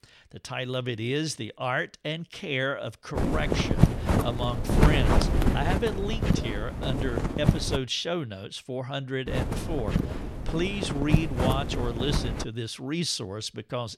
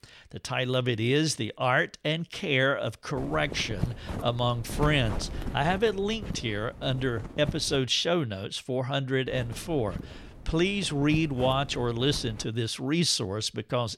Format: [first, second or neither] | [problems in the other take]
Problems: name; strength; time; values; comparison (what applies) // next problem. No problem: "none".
second | wind noise on the microphone; heavy; from 3 to 8 s and from 9.5 to 12 s; 1 dB below the speech; occasional gusts in the second